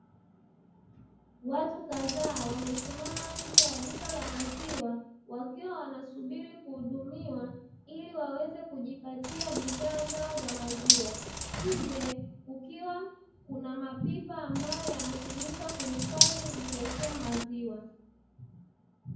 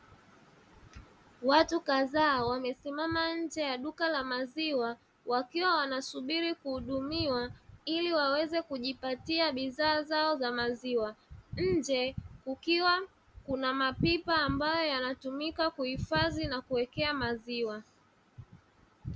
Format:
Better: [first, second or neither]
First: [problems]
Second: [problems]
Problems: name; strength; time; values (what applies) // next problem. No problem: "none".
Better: second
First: background sound (Bathtub (filling or washing)); 5 dB above the speech // room echo; dies away in 0.9 s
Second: none